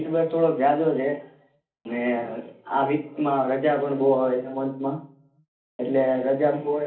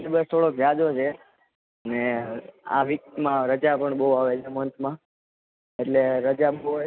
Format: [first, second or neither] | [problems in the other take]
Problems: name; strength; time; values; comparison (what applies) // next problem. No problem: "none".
second | room echo; dies away in 0.4 s